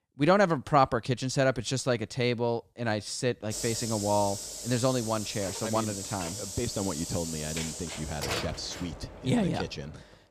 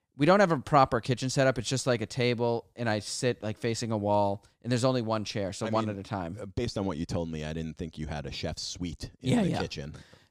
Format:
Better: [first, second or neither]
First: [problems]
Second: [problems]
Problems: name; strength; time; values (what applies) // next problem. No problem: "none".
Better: second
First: hiss; loud; from 3.5 s on; 6 dB below the speech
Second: none